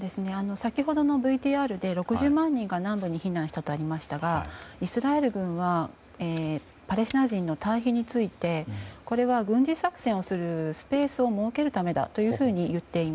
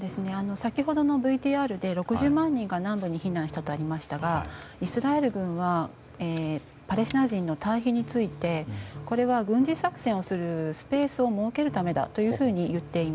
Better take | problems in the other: first | background sound (Piano); 18 dB below the speech

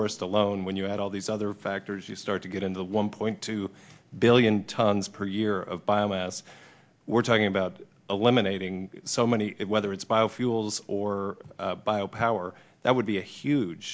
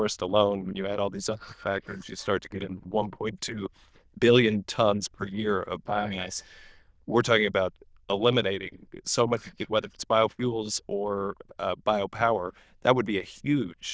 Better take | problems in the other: first | noise reduction (neural diffusion model UNIVERSE++)

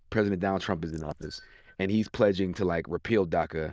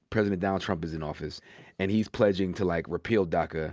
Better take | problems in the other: second | noise reduction (neural diffusion model UNIVERSE++)

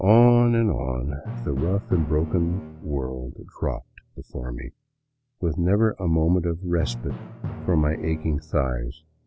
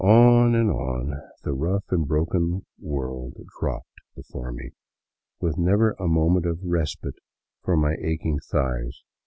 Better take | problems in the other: second | background sound (Drum); 14 dB below the speech

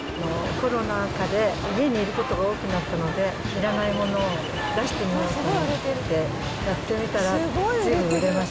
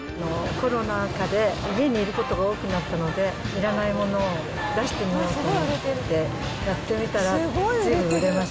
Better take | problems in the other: second | background sound (Ocean); 11 dB below the speech

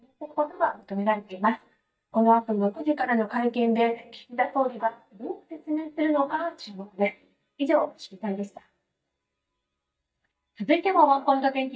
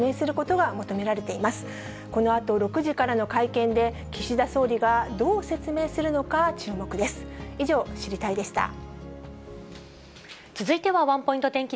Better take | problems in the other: second | noise reduction (neural mask model DeepFilterNet 3)

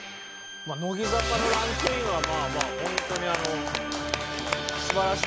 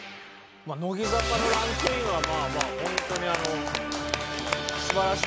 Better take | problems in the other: second | background sound (Bowed string instrument); 16 dB below the speech

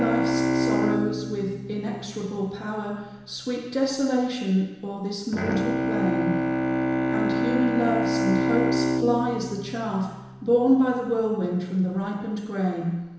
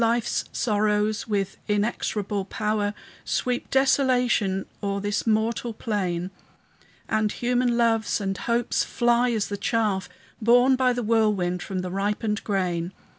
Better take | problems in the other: second | background sound (Bowed string instrument); 1 dB below the speech // room echo; dies away in 1 s

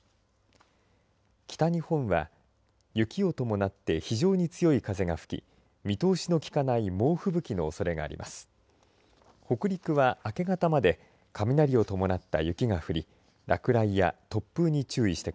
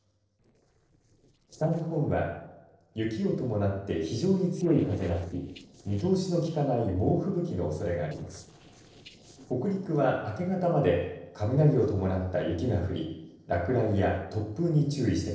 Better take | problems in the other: first | noise reduction (neural separator model SepFormer DNS4)

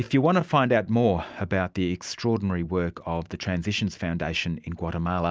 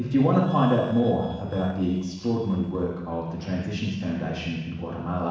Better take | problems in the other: first | noise reduction (neural separator model SepFormer DNS4)

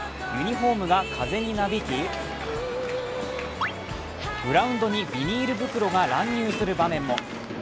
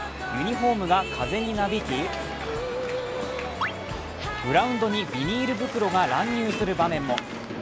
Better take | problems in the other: first | background sound (Brass instrument); 18 dB below the speech

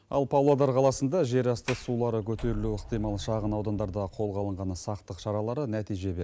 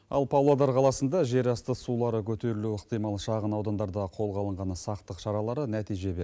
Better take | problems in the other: second | background sound (Sliding door); 12 dB below the speech

